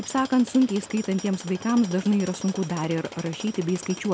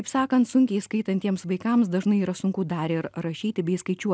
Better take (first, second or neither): second